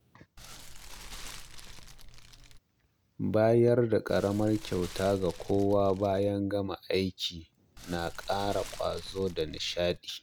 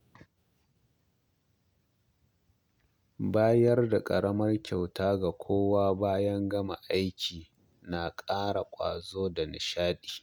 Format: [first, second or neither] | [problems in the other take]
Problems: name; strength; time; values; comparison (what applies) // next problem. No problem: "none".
second | background sound (Fire); 14 dB below the speech